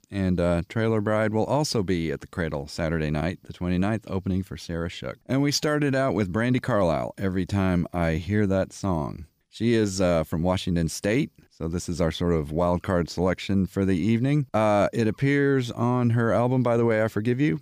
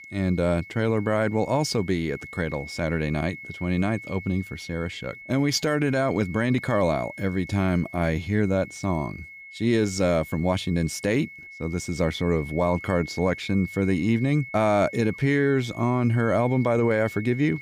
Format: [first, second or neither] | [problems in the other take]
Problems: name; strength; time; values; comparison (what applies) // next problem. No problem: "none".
first | high-pitched whine; noticeable; throughout; 2 kHz, 15 dB below the speech